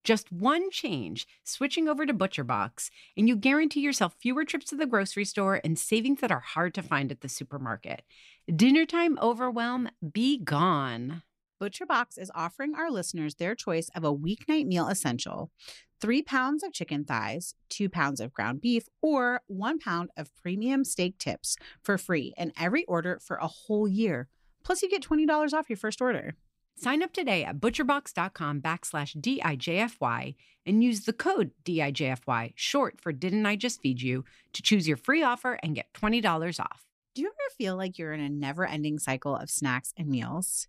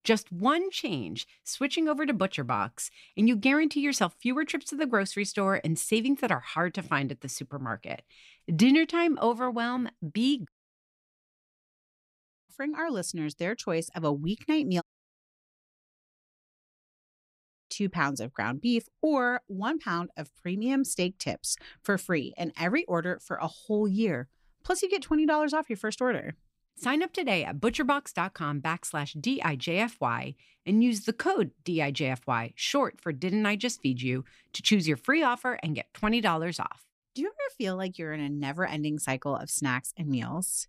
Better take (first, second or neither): first